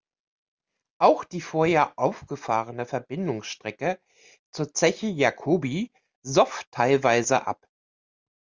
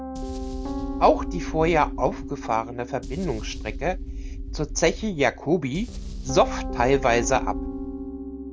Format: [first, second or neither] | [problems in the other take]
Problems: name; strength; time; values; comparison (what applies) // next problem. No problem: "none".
first | background sound (Boom + Piano); 6 dB below the speech